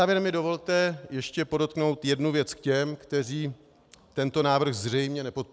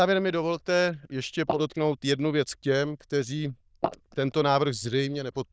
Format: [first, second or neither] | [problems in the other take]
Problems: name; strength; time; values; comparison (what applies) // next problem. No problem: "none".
first | noise reduction (neural diffusion model UNIVERSE++)